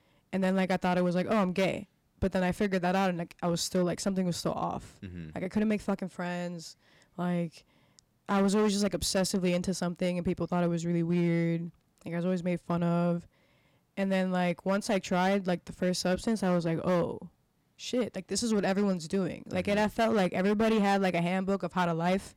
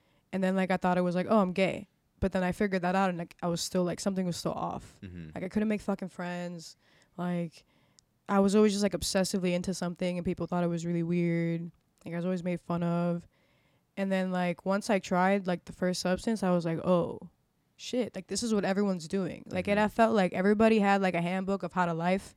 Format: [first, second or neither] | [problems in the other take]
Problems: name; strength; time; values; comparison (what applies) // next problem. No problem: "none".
second | distortion; slight; 6% of the sound clipped